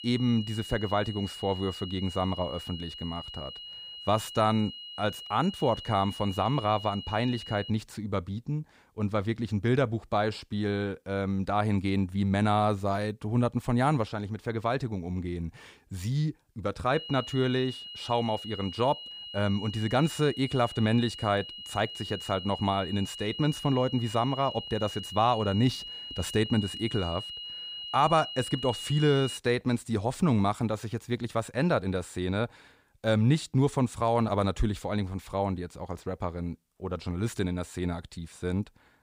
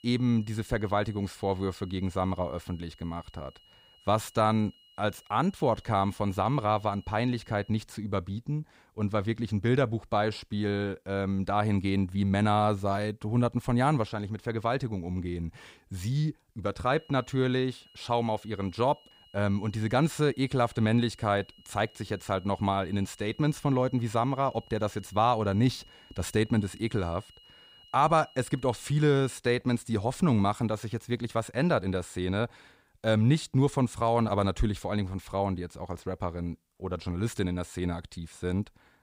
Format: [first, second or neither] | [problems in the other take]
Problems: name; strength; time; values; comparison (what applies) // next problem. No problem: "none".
second | high-pitched whine; loud; until 7.5 s and from 17 to 29 s; 3 kHz, 10 dB below the speech; faint in the second